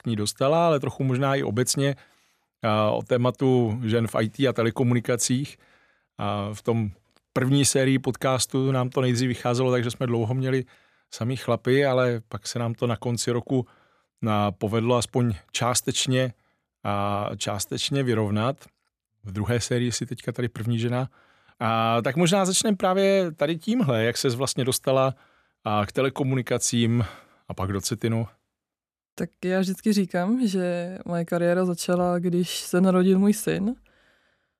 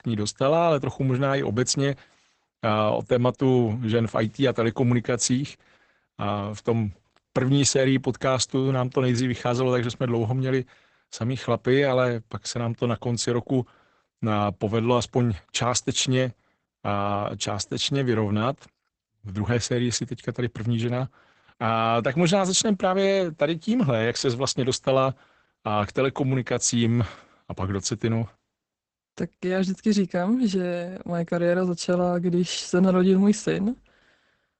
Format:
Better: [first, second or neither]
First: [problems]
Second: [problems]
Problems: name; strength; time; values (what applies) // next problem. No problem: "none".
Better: first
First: none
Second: garbled, watery; badly; nothing above 8 kHz